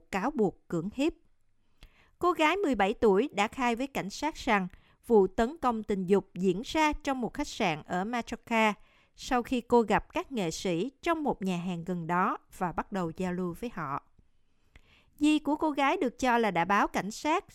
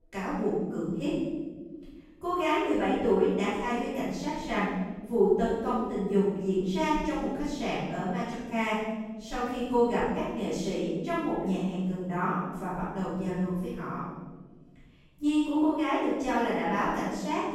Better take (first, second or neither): first